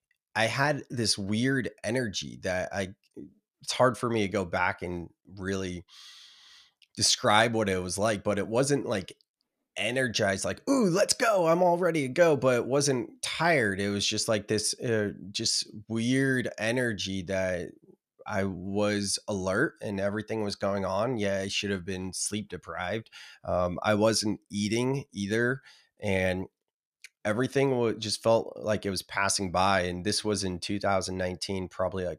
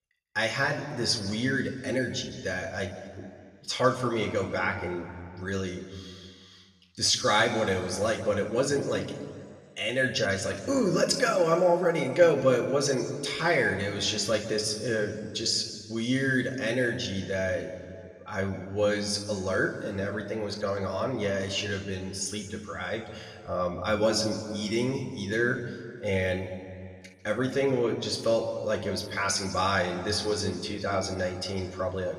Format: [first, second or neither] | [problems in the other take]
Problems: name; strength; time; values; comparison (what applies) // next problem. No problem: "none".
first | room echo; slight; dies away in 1.9 s // off-mic speech; somewhat distant